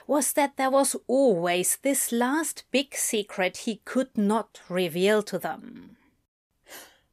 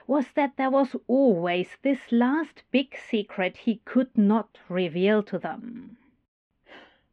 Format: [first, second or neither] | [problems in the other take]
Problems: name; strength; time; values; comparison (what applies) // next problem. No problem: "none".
first | muffled; very; fading above 3 kHz